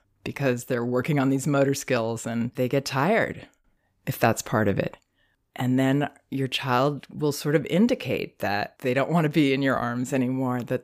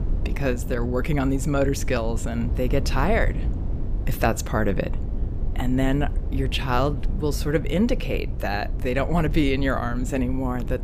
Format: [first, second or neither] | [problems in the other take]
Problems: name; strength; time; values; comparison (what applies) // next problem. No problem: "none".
first | low rumble; noticeable; throughout; 15 dB below the speech